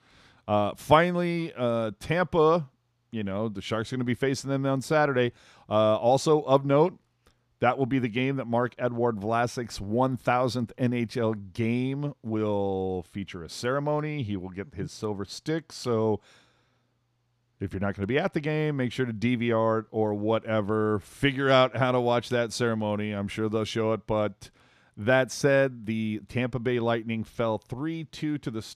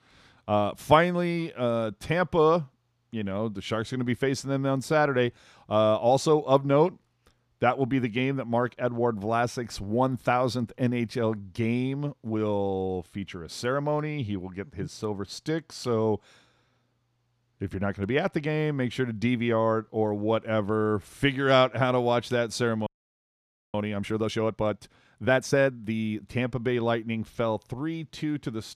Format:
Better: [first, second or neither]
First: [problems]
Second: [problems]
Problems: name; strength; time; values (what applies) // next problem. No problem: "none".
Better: first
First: none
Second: audio freezing; at 23 s for 1 s